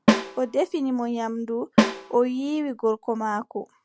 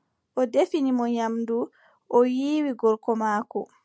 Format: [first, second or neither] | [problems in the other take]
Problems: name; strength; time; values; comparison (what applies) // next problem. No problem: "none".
second | background sound (Snare drum); as loud as the speech